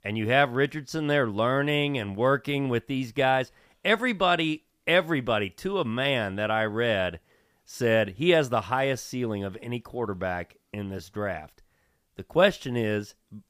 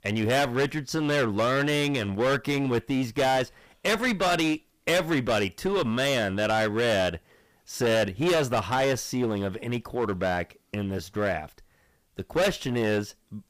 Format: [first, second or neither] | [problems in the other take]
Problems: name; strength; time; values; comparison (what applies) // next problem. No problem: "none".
first | distortion; heavy; 15% of the sound clipped